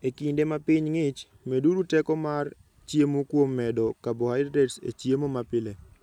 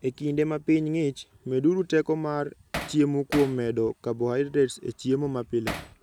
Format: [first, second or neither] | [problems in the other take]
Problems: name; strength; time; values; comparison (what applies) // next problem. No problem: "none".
first | background sound (Hammer); 9 dB below the speech